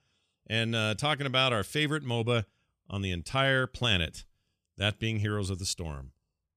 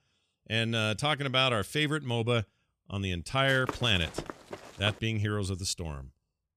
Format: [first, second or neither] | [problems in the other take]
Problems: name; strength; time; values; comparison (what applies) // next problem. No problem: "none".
first | footsteps; faint; from 3.5 to 5 s; peak 10 dB below the speech